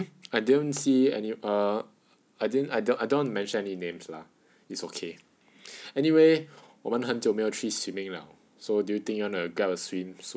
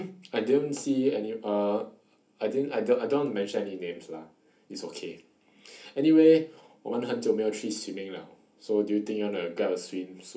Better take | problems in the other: first | room echo; dies away in 0.3 s

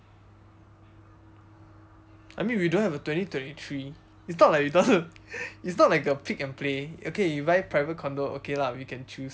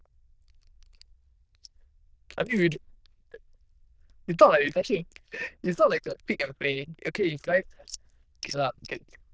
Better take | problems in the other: first | noise reduction (neural diffusion model UNIVERSE++)

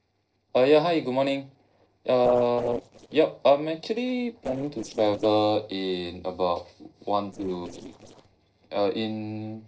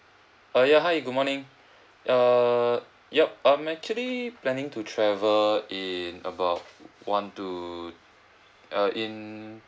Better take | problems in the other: second | noise reduction (neural separator model SepFormer DNS4)

